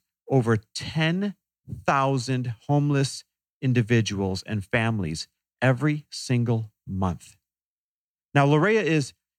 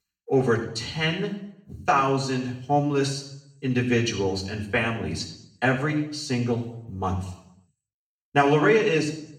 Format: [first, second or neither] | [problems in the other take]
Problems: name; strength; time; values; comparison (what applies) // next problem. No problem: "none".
first | room echo; slight; dies away in 0.7 s // off-mic speech; far